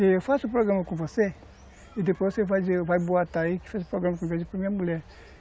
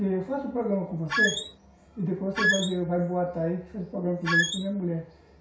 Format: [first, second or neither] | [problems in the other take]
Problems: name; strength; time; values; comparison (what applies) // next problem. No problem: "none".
first | background sound (Squeak); 3 dB above the speech // room echo; dies away in 0.6 s